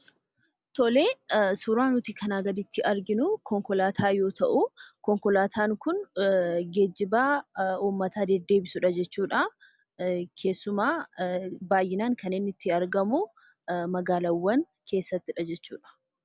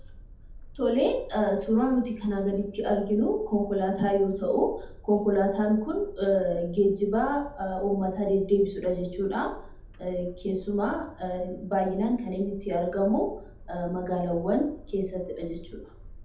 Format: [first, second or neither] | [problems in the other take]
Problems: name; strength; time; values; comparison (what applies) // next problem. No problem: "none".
first | background sound (Boat, Water vehicle); 17 dB below the speech // room echo; dies away in 0.6 s